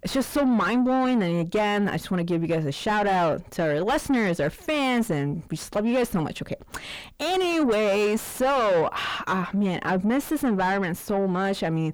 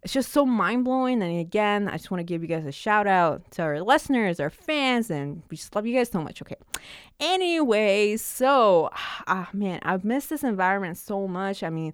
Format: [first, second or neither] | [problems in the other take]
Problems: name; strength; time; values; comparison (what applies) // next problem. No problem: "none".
second | distortion; heavy; 6 dB below the speech